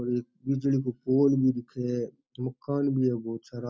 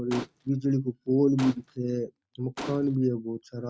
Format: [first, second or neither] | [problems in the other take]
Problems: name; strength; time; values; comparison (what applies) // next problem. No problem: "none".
first | noise reduction (neural mask model RNNoise)